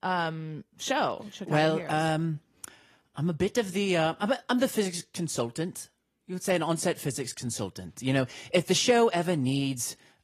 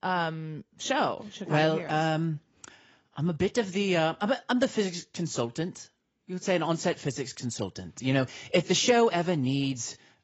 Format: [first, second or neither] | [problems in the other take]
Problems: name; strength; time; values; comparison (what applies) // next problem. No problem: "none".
first | garbled, watery; badly; nothing above 7.5 kHz; slightly in the first